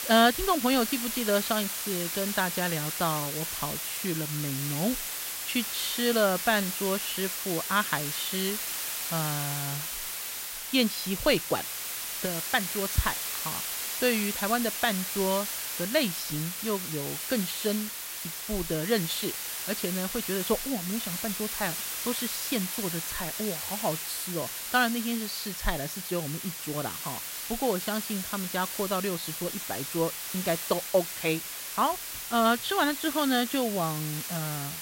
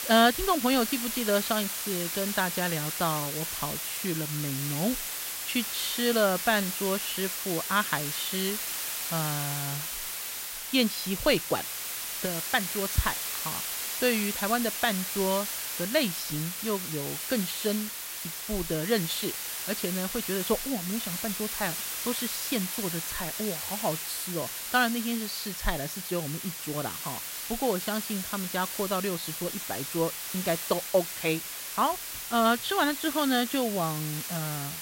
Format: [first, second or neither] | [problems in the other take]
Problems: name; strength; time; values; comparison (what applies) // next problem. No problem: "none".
neither | hiss; loud; throughout; 2 dB below the speech; the same in both